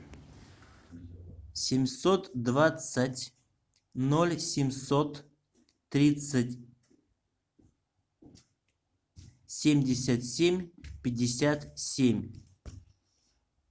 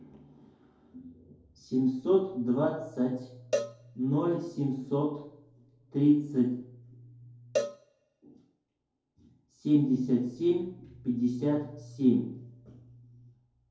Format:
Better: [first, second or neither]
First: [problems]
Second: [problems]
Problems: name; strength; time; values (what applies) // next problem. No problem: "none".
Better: first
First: none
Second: background sound (Cowbell); 8 dB below the speech // room echo; dies away in 2.3 s